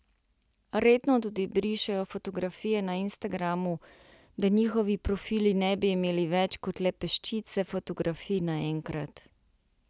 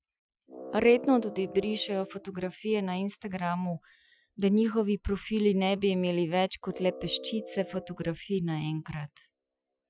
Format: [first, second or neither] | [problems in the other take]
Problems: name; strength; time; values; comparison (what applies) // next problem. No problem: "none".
first | noise reduction (classical method Wiener filter)